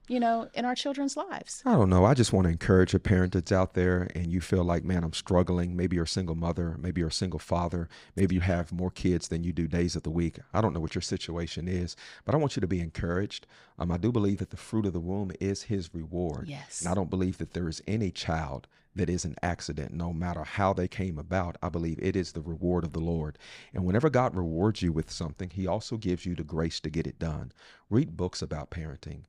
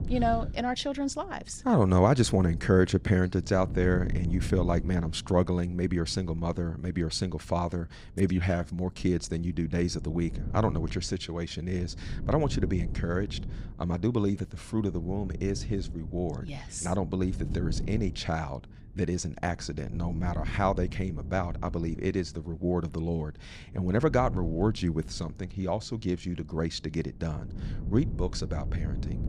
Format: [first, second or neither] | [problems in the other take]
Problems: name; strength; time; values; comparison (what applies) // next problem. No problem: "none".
first | wind noise on the microphone; occasional gusts; 20 dB below the speech